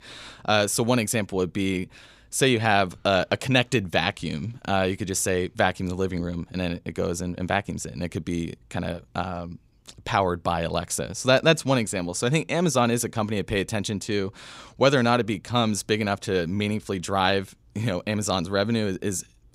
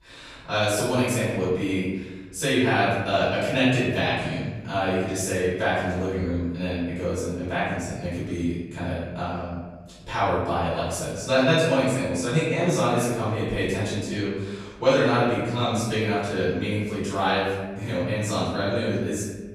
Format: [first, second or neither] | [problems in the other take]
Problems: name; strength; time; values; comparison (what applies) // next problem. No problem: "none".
first | off-mic speech; far // room echo; strong; dies away in 1.1 s